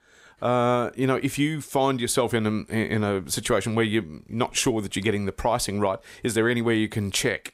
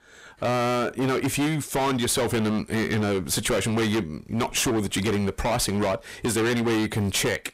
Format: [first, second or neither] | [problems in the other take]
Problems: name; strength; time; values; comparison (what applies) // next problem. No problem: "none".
first | distortion; heavy; 27% of the sound clipped